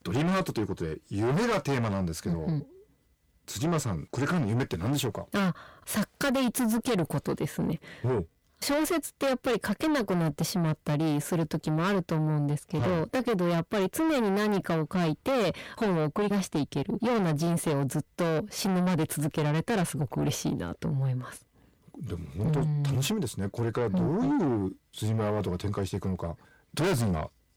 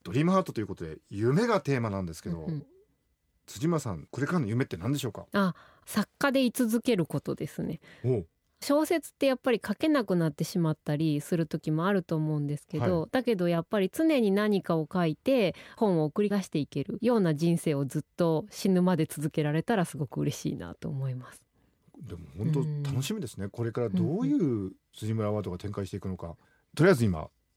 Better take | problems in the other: second | distortion; heavy; 6 dB below the speech

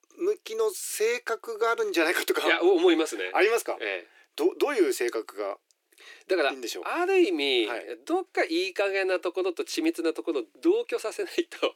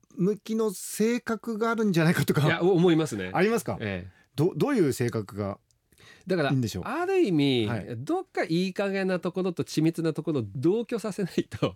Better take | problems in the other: second | thin; very; fading below 350 Hz

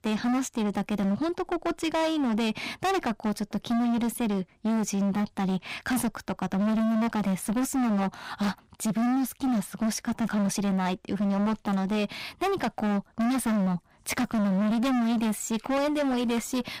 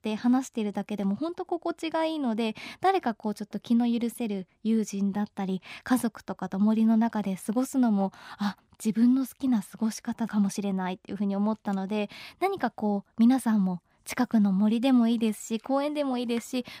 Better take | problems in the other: second | distortion; heavy; 31% of the sound clipped

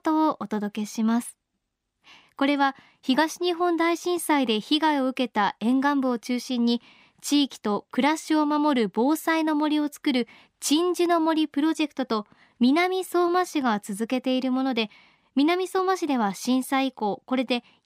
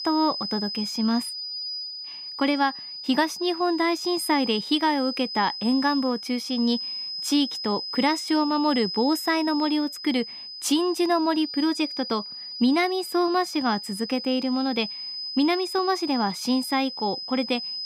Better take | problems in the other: first | high-pitched whine; loud; throughout; 5 kHz, 7 dB below the speech

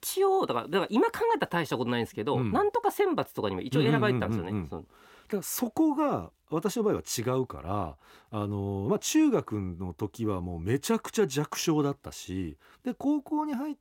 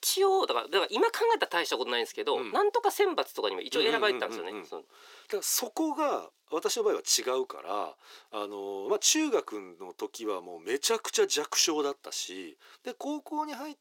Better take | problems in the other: first | thin; somewhat; fading below 400 Hz

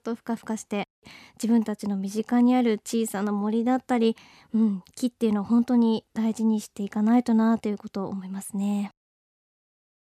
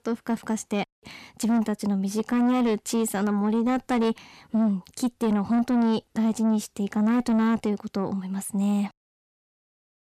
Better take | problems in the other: first | distortion; slight; 10 dB below the speech

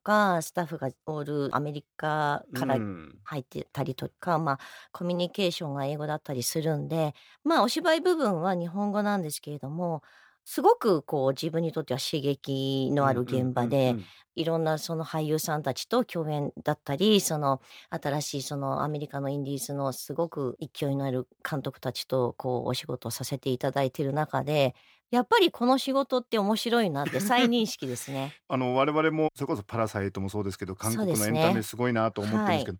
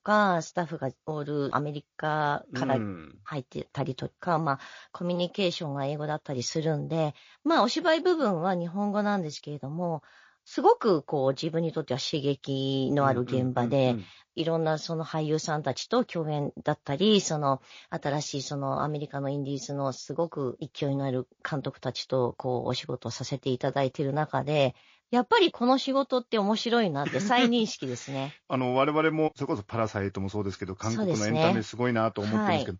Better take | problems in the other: first | garbled, watery; slightly

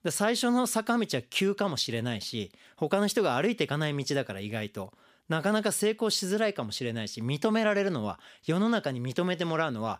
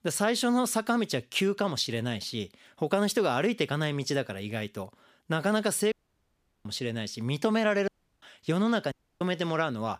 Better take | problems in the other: first | audio cutting out; at 6 s for 0.5 s, at 8 s and at 9 s

